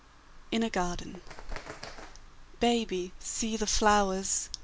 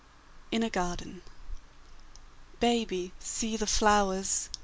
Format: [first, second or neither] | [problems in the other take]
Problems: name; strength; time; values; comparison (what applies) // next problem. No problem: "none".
second | background sound (Bird); 18 dB below the speech